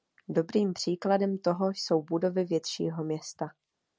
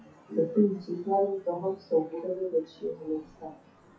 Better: first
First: none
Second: noise reduction (classical method WPE with log-MMSE)

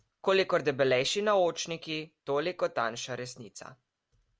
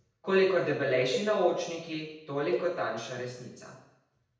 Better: first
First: none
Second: background sound (Cowbell); 11 dB below the speech // room echo; dies away in 0.8 s

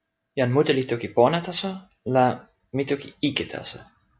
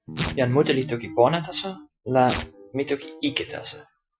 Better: first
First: none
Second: noise reduction (classical method Wiener filter)

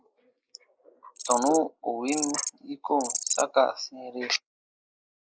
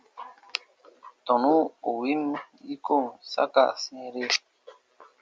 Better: second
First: noise reduction (neural mask model Resemble Enhance denoiser)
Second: none

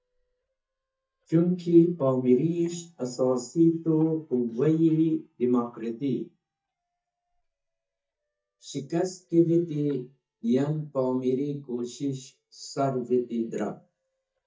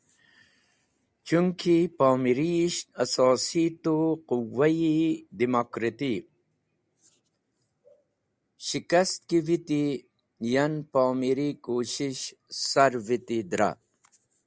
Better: second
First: noise reduction (neural mask model DeepFilterNet 3)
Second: none

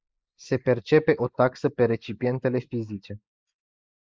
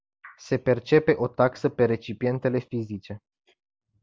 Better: second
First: noise reduction (neural mask model Resemble Enhance denoiser)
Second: none

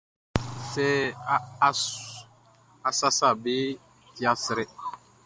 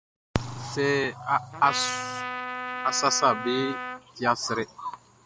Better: first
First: none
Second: background sound (Trumpet); 6 dB below the speech

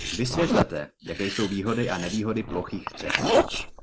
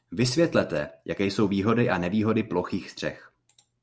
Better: second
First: noise reduction (neural mask model Resemble Enhance denoiser)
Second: none

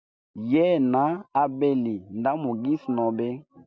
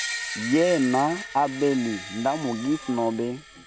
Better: first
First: none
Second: background sound (Screech); 10 dB below the speech

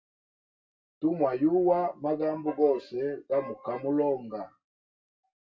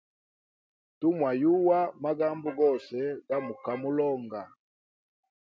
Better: second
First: room echo; dies away in 0.2 s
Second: none

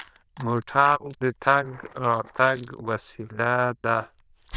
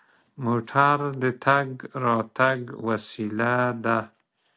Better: second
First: noise reduction (neural diffusion model UNIVERSE++)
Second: none

